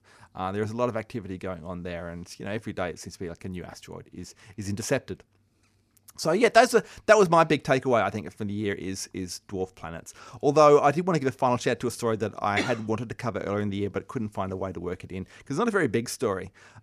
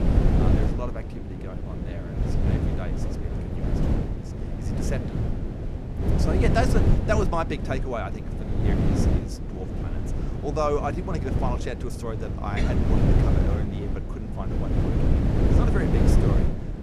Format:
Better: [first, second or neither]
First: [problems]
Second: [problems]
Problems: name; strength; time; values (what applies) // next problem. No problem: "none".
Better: first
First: none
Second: wind noise on the microphone; heavy; 2 dB below the speech